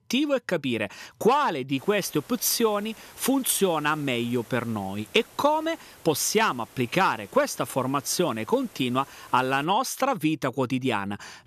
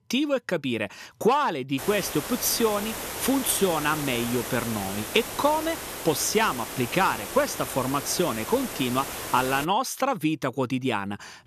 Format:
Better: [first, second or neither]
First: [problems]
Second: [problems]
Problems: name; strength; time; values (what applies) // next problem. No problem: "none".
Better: first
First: hiss; faint; from 2 to 9.5 s; 25 dB below the speech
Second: hiss; loud; from 2 to 9.5 s; 7 dB below the speech